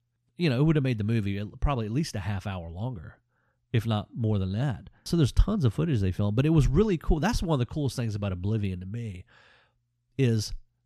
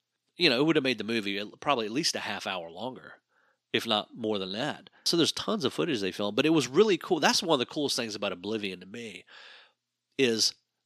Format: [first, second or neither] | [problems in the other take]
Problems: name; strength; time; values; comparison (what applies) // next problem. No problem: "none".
first | thin; somewhat; fading below 300 Hz